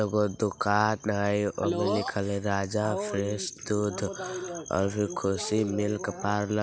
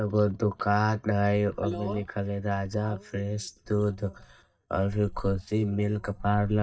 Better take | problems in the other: first | noise reduction (neural mask model DeepFilterNet 3)

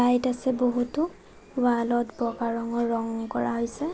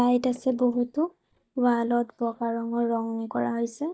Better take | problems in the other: first | noise reduction (neural mask model DeepFilterNet 3)

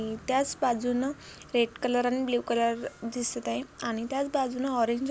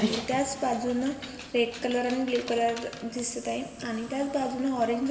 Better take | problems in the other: first | background sound (Dog); 11 dB below the speech // room echo; dies away in 2.7 s

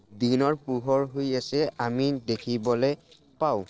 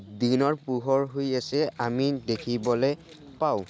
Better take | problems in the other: second | noise reduction (neural separator model SepFormer DNS4)

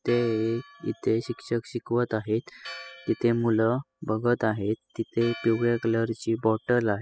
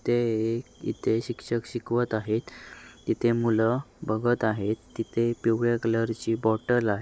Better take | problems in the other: second | noise reduction (classical method spectral subtraction)

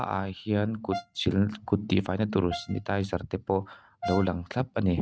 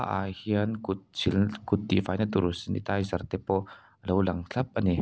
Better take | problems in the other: second | noise reduction (neural mask model RNNoise)

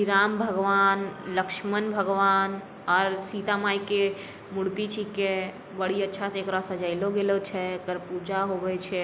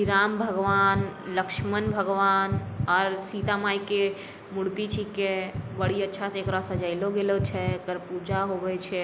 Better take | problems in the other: first | background sound (Bass guitar); 8 dB below the speech

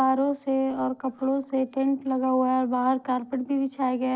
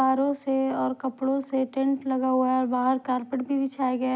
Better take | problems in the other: second | noise reduction (neural separator model SepFormer DNS4)

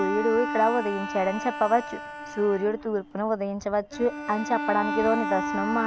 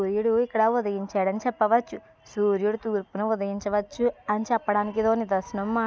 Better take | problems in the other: second | background sound (Bowed string instrument); 6 dB below the speech

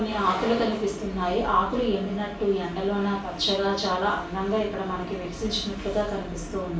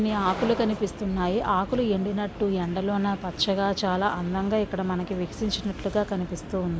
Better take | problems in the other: second | room echo; dies away in 0.3 s

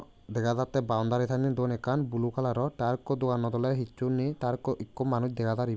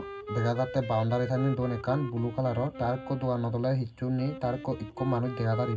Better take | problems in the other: first | background sound (Wind instrument, woodwind instrument); 11 dB below the speech // room echo; dies away in 0.4 s

